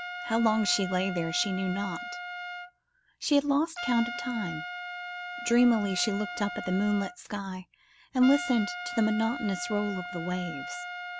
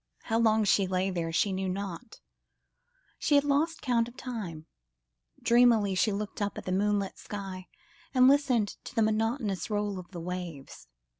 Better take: second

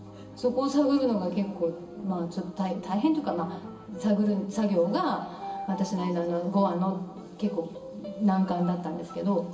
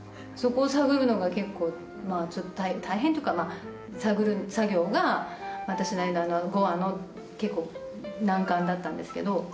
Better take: second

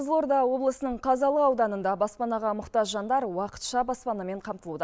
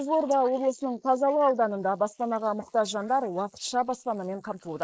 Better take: first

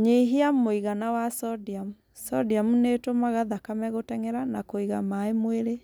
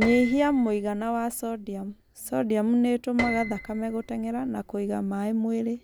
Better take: first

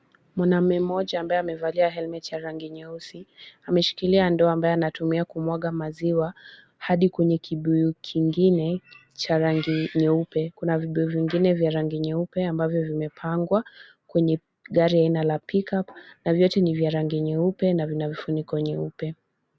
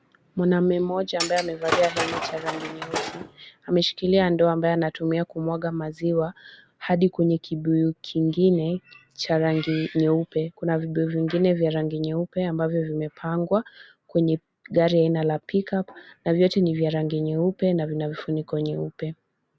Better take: first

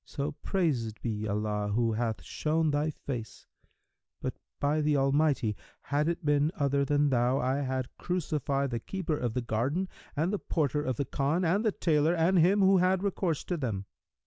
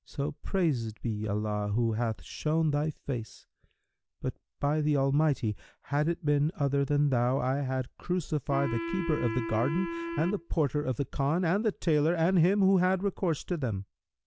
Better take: first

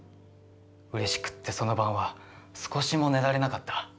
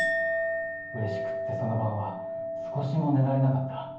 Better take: first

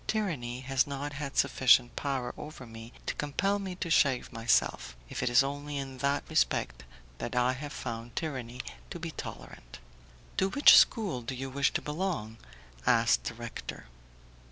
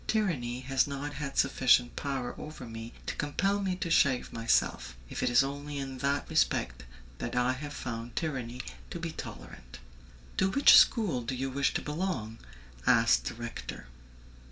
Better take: first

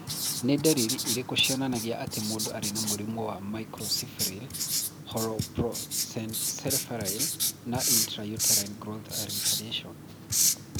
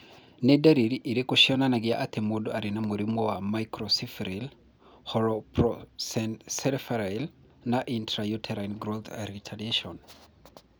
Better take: second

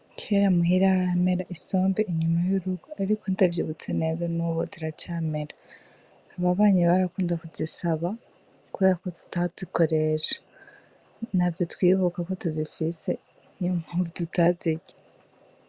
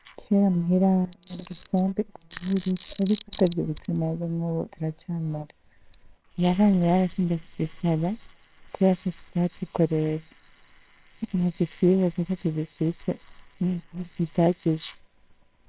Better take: first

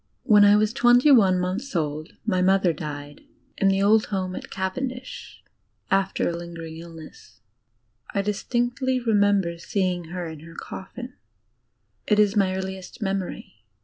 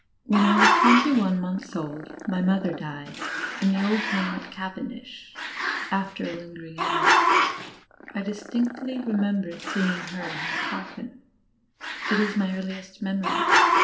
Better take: first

